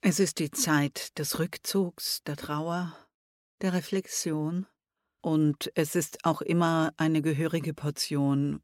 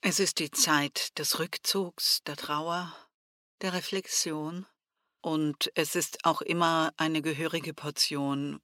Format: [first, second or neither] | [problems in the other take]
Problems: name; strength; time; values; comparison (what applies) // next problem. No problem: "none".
first | thin; somewhat; fading below 850 Hz